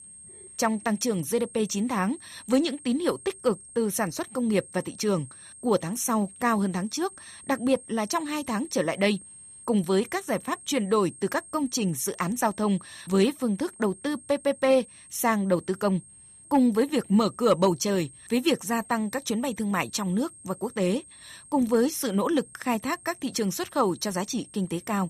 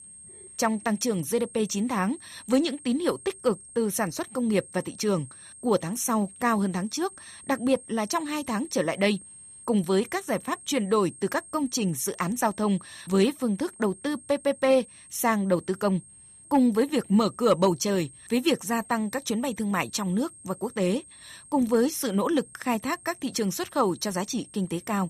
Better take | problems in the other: neither | high-pitched whine; noticeable; throughout; 8.5 kHz, 20 dB below the speech; the same in both

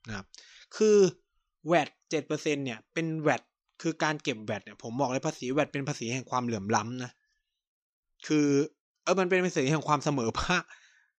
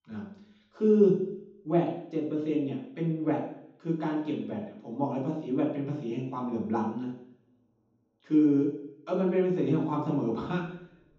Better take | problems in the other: first | room echo; strong; dies away in 0.9 s // off-mic speech; far

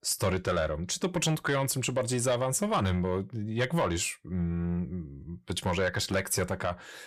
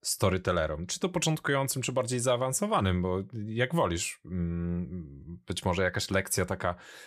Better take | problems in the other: second | distortion; slight; 10 dB below the speech

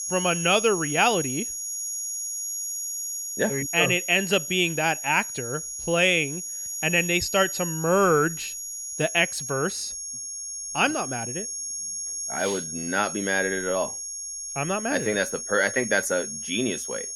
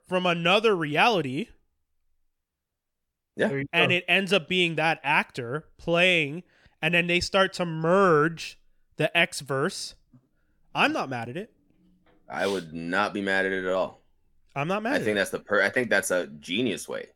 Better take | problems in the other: second | high-pitched whine; loud; throughout; 6.5 kHz, 6 dB below the speech

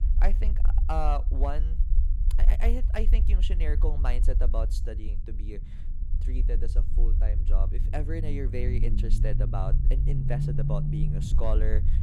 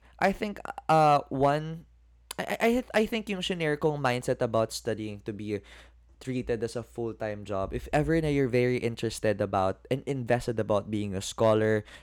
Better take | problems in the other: second | low rumble; loud; throughout; 7 dB below the speech

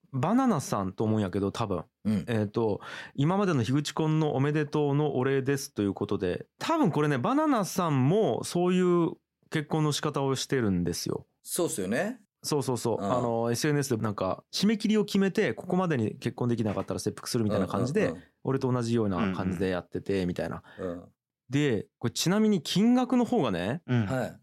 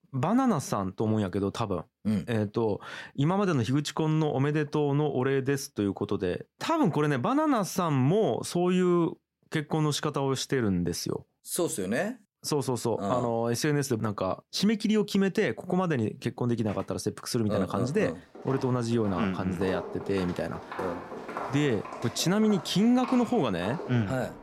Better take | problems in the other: first | footsteps; noticeable; from 18 s on; peak 8 dB below the speech

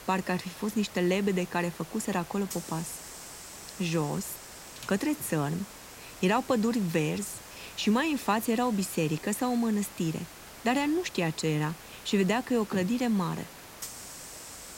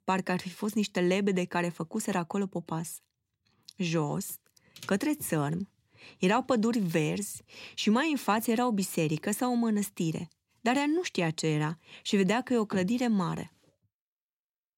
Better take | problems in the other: second | hiss; noticeable; throughout; 15 dB below the speech

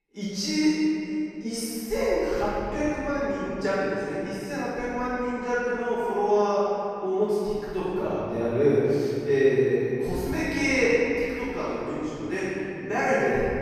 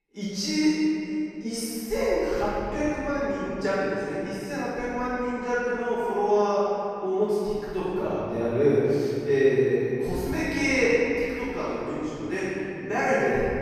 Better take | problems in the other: neither | room echo; strong; dies away in 2.8 s; the same in both // off-mic speech; far; the same in both

